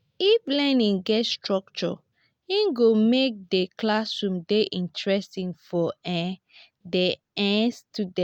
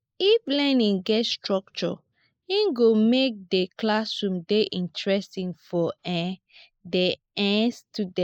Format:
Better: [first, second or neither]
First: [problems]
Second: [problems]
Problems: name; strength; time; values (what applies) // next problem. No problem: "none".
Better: first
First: none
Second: noise reduction (neural mask model Resemble Enhance denoiser)